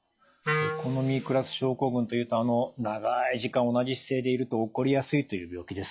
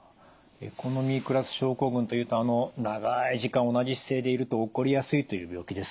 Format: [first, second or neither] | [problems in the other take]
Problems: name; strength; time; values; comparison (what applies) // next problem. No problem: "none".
second | noise reduction (classical method log-MMSE)